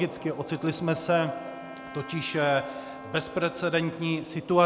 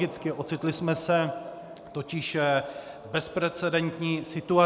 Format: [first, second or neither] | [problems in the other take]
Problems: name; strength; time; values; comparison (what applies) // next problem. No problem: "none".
second | background sound (Wind instrument, woodwind instrument); 16 dB below the speech